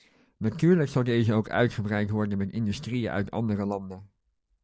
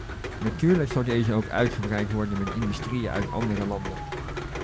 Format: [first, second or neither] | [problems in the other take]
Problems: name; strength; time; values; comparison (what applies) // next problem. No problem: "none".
first | background sound (Rain); 7 dB below the speech